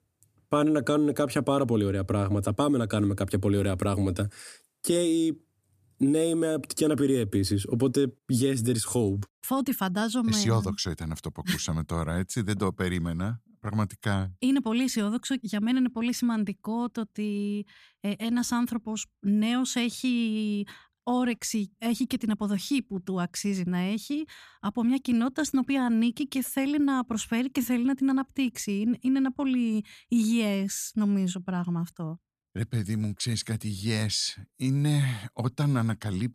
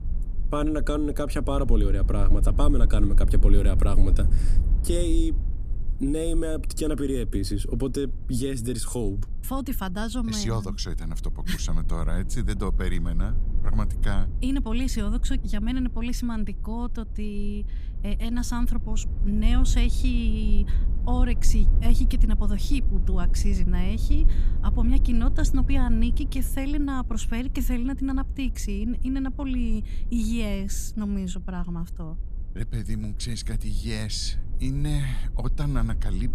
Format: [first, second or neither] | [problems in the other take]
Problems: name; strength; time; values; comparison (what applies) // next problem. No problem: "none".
first | low rumble; noticeable; throughout; 15 dB below the speech